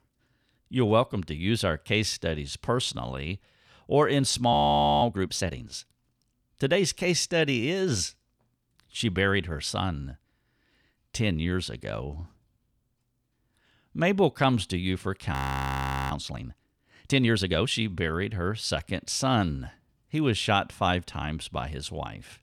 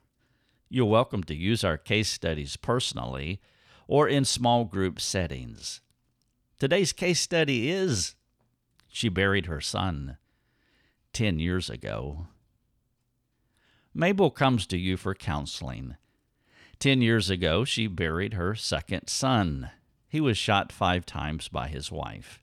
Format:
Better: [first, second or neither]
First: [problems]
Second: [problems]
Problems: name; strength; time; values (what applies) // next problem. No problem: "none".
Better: second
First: audio freezing; at 4.5 s and at 15 s for 1 s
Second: none